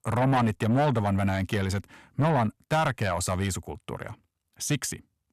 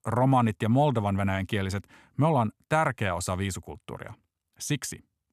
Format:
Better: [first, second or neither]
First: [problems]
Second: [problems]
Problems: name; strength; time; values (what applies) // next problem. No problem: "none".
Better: second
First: distortion; slight; 10 dB below the speech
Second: none